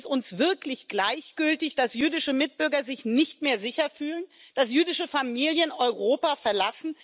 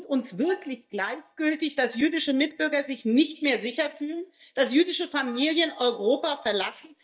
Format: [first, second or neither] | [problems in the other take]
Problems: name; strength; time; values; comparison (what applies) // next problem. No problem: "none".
first | noise reduction (neural mask model DeepFilterNet 3)